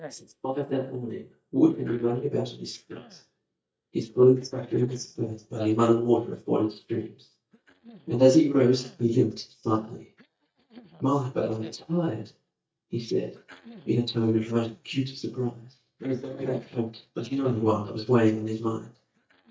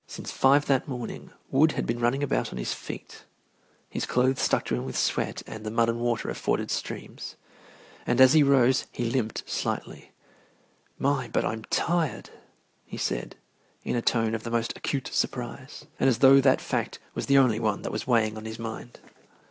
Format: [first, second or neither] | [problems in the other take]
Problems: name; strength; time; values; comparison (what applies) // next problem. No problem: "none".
second | noise reduction (neural mask model DeepFilterNet 3)